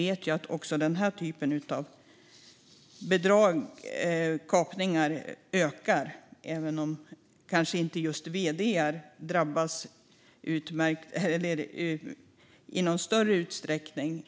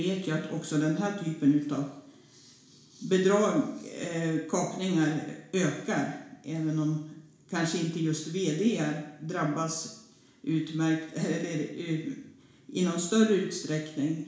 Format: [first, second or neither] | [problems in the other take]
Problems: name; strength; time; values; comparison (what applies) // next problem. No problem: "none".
first | room echo; dies away in 0.7 s